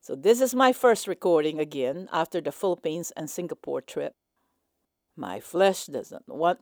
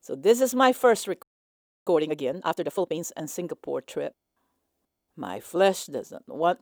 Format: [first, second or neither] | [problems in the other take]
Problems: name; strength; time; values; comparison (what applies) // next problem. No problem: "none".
first | audio freezing; at 1 s for 0.5 s